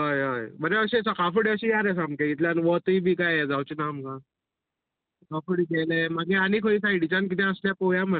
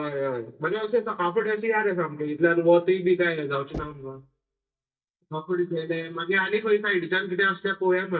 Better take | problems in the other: first | noise reduction (neural mask model DeepFilterNet 3)

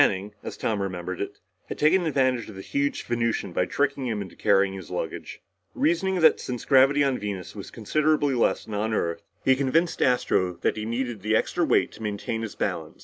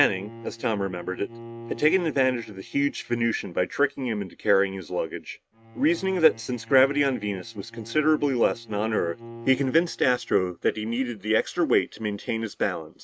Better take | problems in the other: first | noise reduction (neural mask model RNNoise)

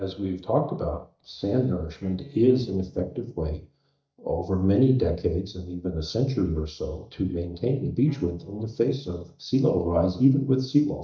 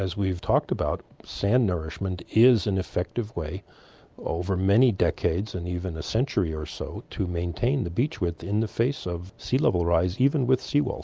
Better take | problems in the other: second | noise reduction (neural mask model DeepFilterNet 3)

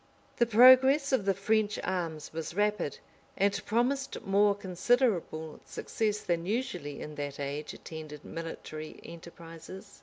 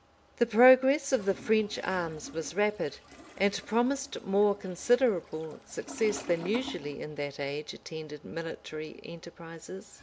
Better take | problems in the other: first | background sound (Toilet flush); 19 dB below the speech

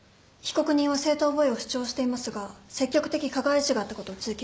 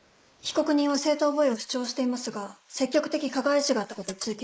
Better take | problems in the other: first | noise reduction (neural mask model Resemble Enhance denoiser)

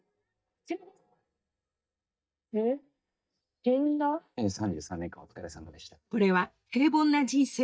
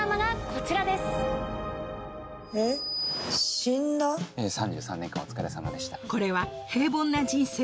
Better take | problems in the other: second | noise reduction (neural mask model DeepFilterNet 3)

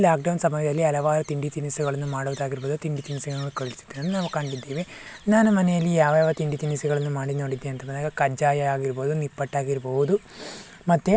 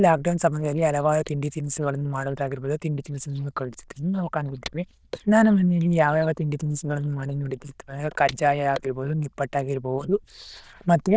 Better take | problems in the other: first | noise reduction (neural diffusion model UNIVERSE++)

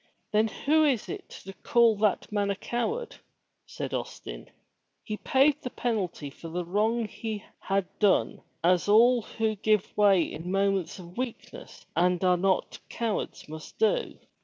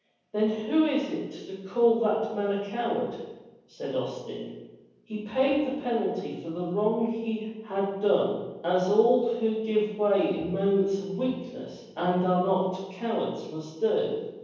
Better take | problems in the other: first | room echo; dies away in 1.1 s

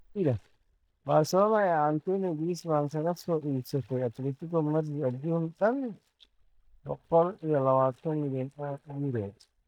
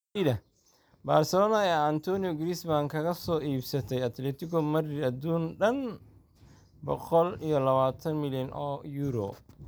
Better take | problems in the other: second | noise reduction (neural mask model DeepFilterNet 3)

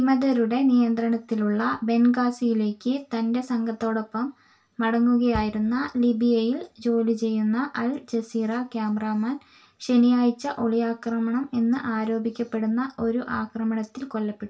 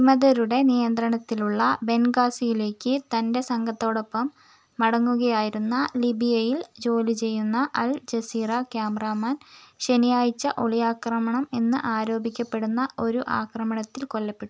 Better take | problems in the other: second | background sound (Bass drum); 18 dB below the speech // room echo; dies away in 0.2 s

